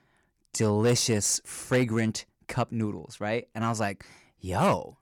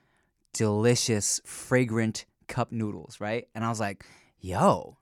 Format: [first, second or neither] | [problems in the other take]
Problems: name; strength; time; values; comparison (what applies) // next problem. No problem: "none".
second | distortion; slight; 3% of the sound clipped